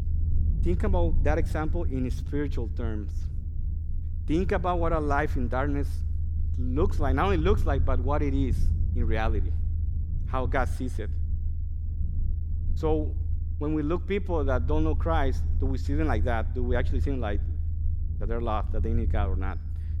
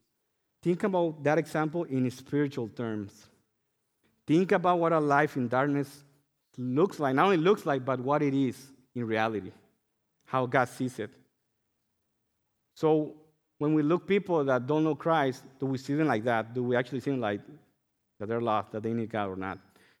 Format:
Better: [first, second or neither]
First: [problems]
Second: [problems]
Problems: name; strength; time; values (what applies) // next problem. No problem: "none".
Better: second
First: low rumble; noticeable; throughout; 15 dB below the speech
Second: none